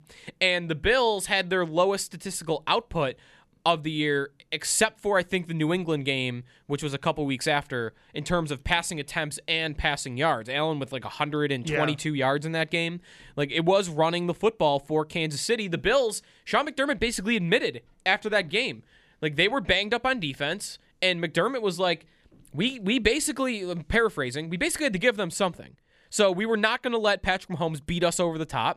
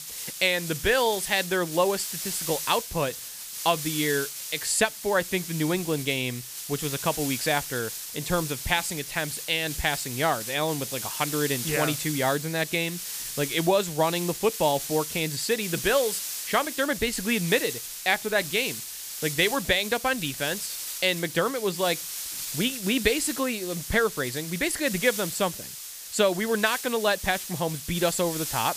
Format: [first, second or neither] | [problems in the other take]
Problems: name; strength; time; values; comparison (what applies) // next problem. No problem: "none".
first | hiss; loud; throughout; 6 dB below the speech